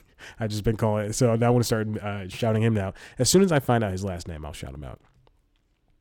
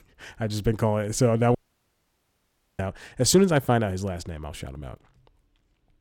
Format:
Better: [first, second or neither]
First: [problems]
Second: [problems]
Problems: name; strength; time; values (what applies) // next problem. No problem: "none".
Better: first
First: none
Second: audio cutting out; at 1.5 s for 1 s